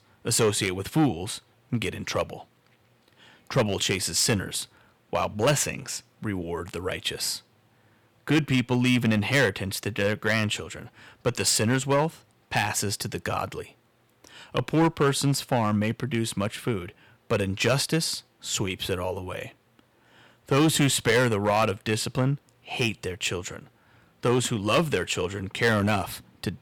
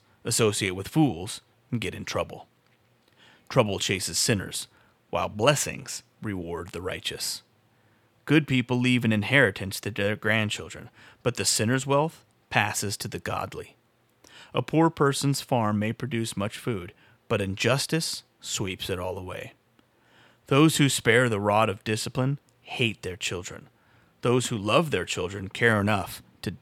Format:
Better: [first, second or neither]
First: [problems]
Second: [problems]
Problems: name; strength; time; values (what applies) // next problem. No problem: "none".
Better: second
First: distortion; slight; 3% of the sound clipped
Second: none